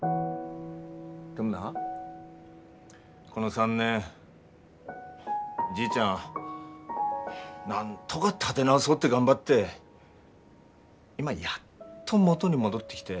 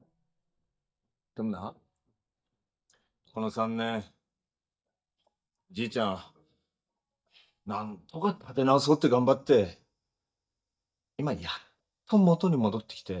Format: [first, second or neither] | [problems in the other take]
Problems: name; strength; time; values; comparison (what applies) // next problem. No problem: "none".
first | noise reduction (neural mask model DeepFilterNet 3)